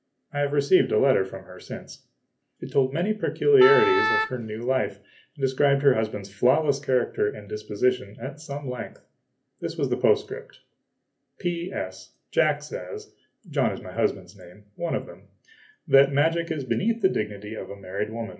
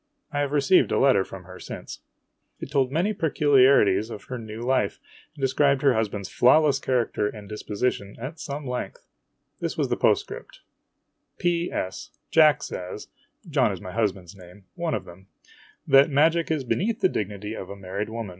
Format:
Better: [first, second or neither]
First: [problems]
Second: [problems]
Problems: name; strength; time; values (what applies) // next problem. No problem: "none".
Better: second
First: background sound (Wind instrument, woodwind instrument); 1 dB below the speech // room echo; dies away in 0.3 s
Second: none